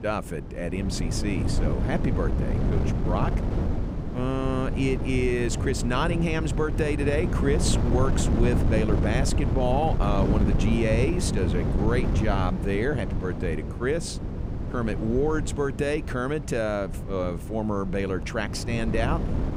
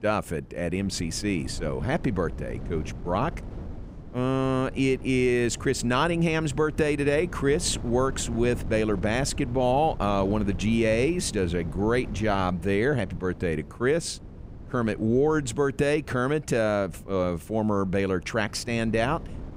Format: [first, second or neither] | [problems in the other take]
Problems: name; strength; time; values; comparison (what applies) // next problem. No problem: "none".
second | wind noise on the microphone; heavy; 7 dB below the speech; occasional gusts in the second